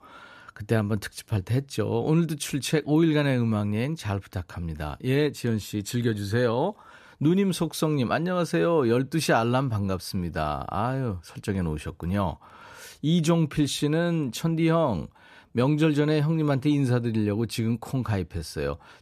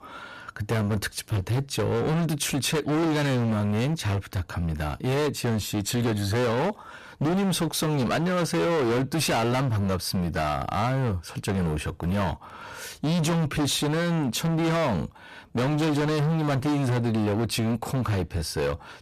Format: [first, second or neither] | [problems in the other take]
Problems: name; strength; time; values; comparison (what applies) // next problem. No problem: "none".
first | distortion; heavy; 30% of the sound clipped